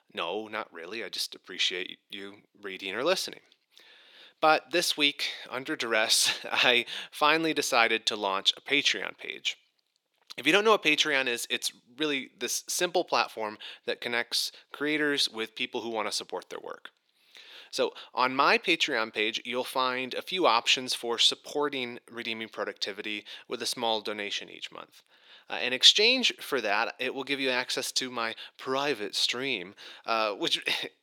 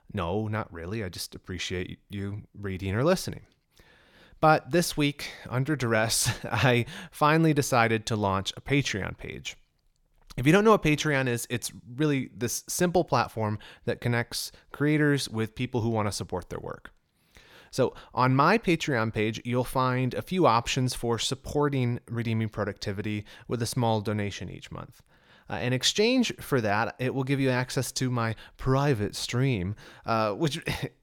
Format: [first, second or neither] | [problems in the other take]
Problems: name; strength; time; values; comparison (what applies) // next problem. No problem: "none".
second | thin; somewhat; fading below 300 Hz